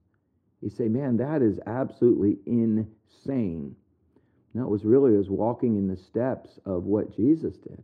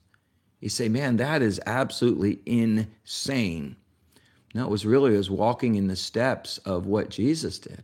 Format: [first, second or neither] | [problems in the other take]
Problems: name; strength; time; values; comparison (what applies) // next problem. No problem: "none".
second | muffled; very; fading above 2 kHz